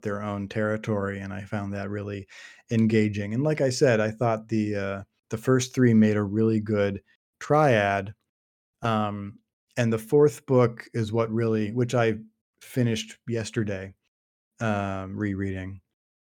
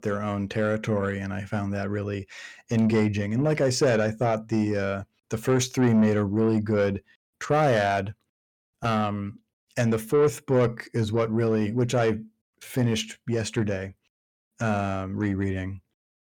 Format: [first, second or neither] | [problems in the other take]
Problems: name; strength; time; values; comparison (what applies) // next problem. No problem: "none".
first | distortion; slight; 10 dB below the speech